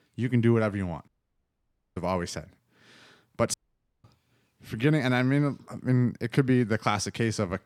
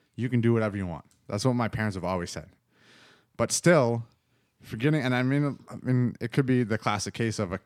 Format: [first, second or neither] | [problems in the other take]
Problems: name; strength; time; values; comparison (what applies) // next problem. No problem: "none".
second | audio cutting out; at 1 s for 1 s and at 3.5 s for 0.5 s